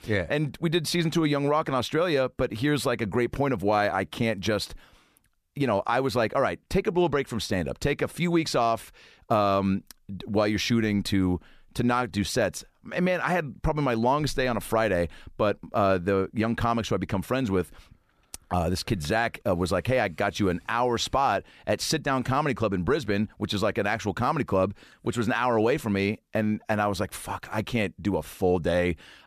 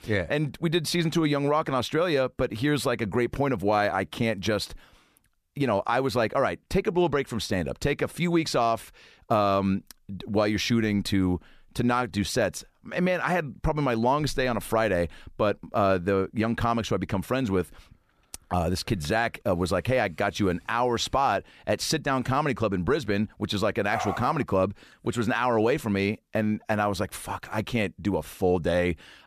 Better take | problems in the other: first | dog barking; noticeable; at 24 s; peak 6 dB below the speech

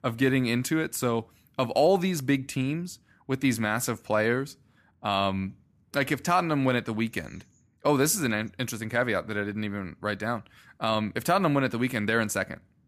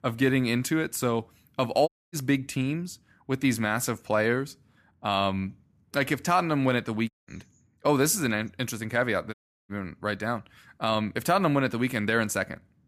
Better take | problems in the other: first | audio cutting out; at 2 s, at 7 s and at 9.5 s

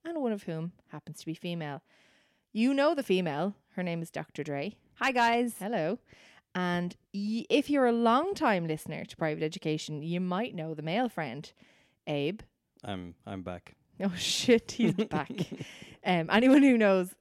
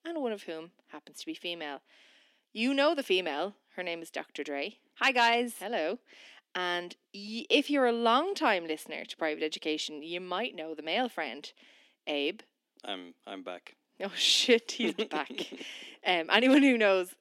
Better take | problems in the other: first | thin; very slightly; fading below 250 Hz

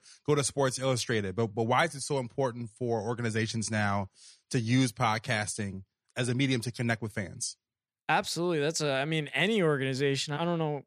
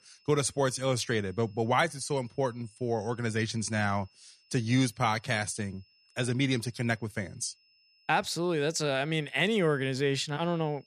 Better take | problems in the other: first | high-pitched whine; faint; throughout; 5 kHz, 35 dB below the speech

